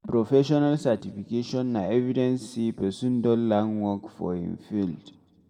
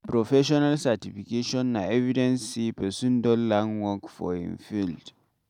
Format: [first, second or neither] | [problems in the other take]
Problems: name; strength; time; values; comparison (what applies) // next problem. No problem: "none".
second | room echo; dies away in 1.3 s